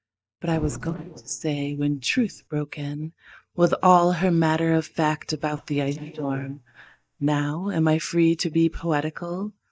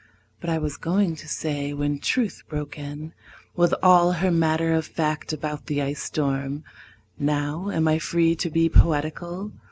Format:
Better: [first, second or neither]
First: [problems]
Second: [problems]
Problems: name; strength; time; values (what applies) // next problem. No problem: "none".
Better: second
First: noise reduction (neural mask model DeepFilterNet 3)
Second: none